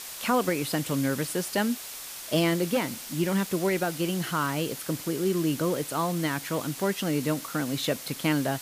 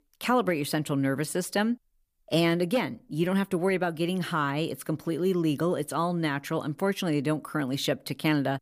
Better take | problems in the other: second | hiss; loud; throughout; 9 dB below the speech

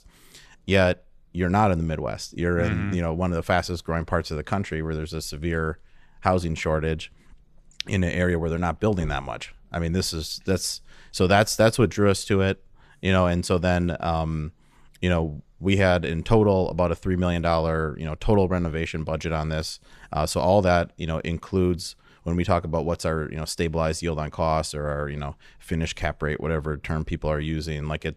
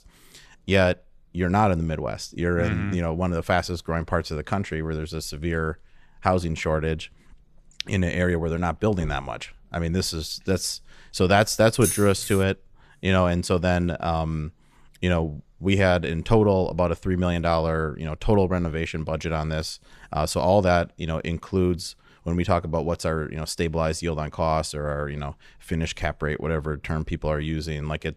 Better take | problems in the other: first | jangling keys; noticeable; at 12 s; peak 2 dB below the speech

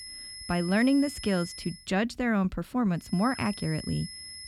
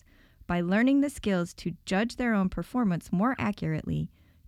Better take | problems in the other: second | high-pitched whine; noticeable; until 2 s and from 3 s on; 5 kHz, 10 dB below the speech

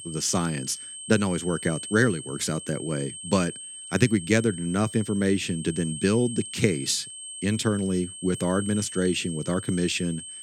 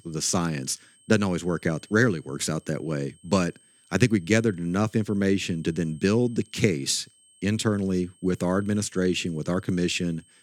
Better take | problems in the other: second | high-pitched whine; loud; throughout; 8.5 kHz, 10 dB below the speech; faint in the second

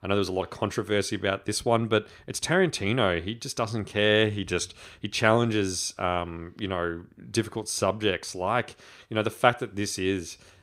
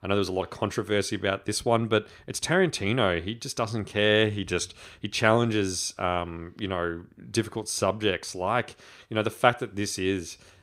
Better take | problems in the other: neither | none

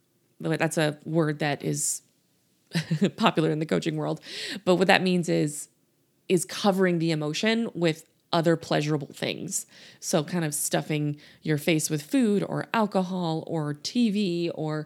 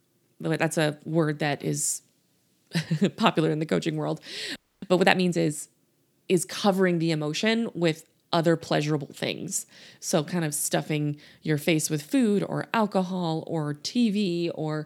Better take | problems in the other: first | audio freezing; at 4.5 s

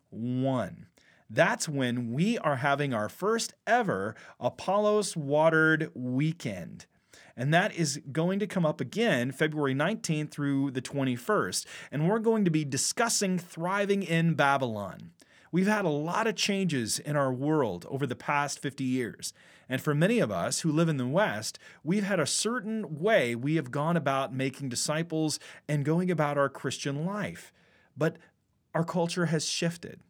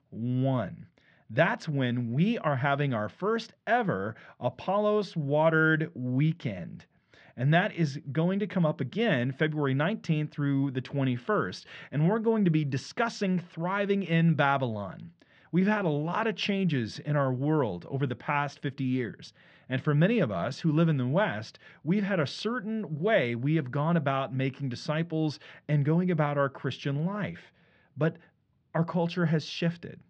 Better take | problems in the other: first | muffled; slightly; fading above 4 kHz

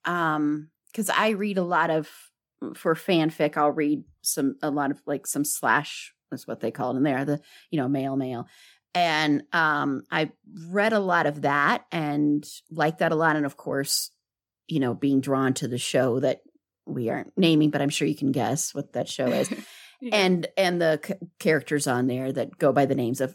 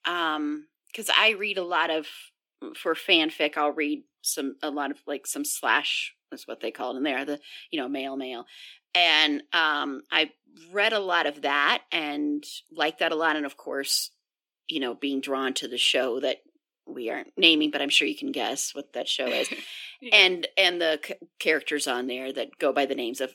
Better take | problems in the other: first | thin; very slightly; fading below 300 Hz

